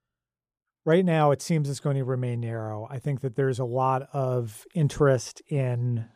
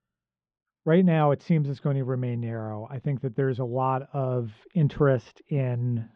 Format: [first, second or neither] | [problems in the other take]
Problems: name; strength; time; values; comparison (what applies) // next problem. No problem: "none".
first | muffled; very; fading above 3.5 kHz